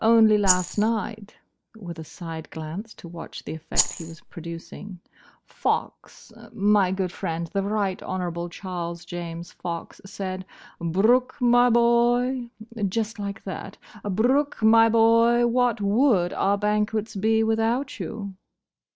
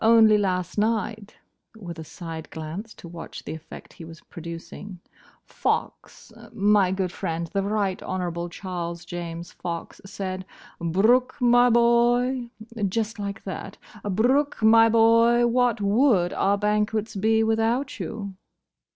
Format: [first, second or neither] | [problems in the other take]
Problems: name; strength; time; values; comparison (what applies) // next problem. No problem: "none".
second | noise reduction (neural mask model Resemble Enhance denoiser)